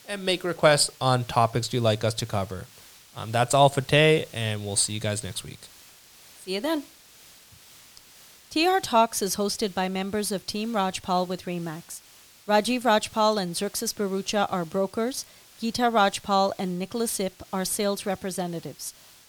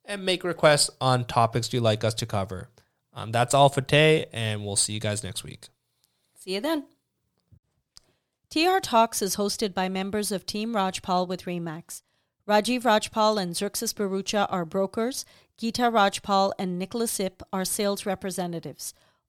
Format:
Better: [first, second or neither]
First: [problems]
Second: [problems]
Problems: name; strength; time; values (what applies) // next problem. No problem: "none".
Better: second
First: hiss; faint; throughout; 25 dB below the speech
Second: none